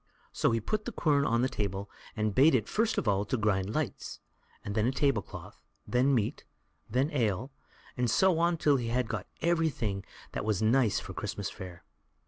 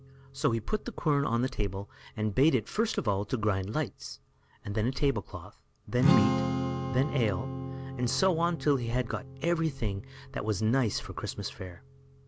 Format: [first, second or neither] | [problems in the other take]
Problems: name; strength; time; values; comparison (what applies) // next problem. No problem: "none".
first | background sound (Strum); 7 dB below the speech